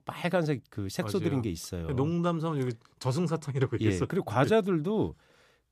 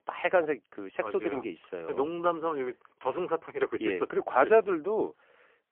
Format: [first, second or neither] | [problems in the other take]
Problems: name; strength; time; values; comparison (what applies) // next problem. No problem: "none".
first | phone-call audio; poor line